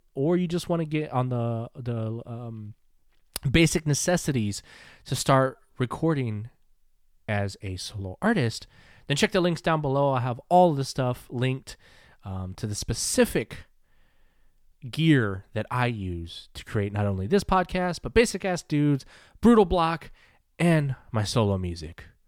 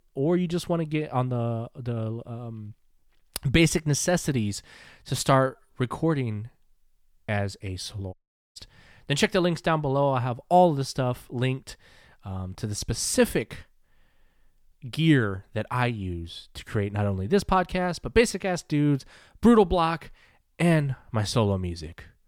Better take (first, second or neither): first